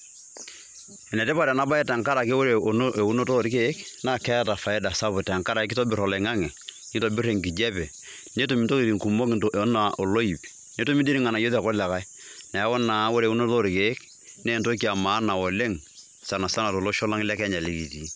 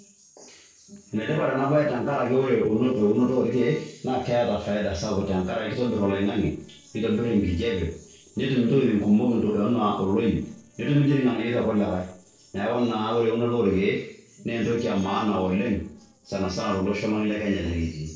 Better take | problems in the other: first | noise reduction (neural separator model SepFormer DNS4)

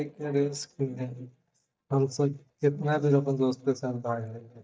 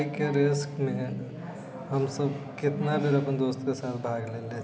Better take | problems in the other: second | noise reduction (neural mask model DeepFilterNet 3)

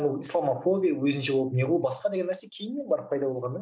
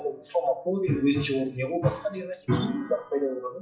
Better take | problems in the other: first | noise reduction (classical method WPE with log-MMSE)

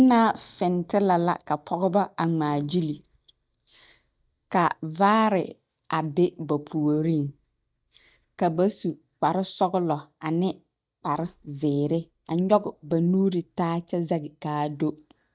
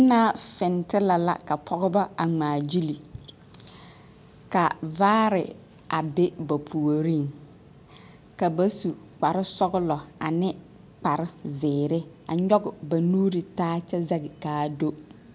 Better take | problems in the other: second | noise reduction (neural mask model DeepFilterNet 3)

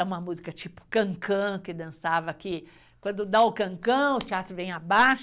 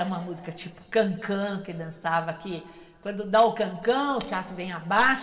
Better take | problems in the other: first | room echo; dies away in 2.6 s

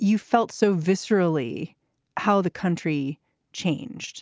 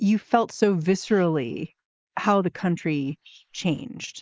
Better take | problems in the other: first | noise reduction (neural mask model Resemble Enhance denoiser)

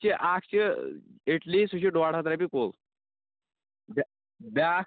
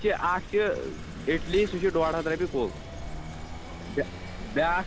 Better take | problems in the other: first | background sound (Bird + Engine / Vehicle); 9 dB below the speech

